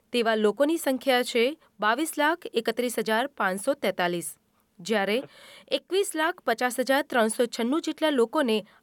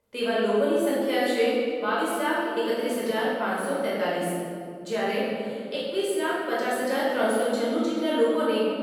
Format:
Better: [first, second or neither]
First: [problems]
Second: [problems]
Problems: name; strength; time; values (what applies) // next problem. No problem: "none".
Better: first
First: none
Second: room echo; strong; dies away in 2.2 s // off-mic speech; far